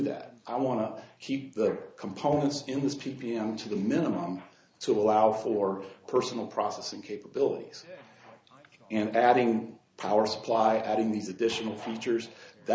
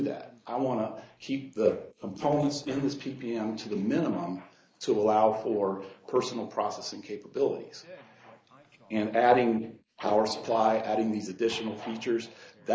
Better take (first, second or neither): first